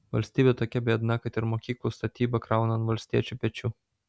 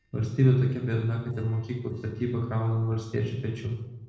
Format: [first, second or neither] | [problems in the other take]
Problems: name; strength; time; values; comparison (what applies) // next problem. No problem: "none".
first | noise reduction (neural separator model SepFormer DNS4)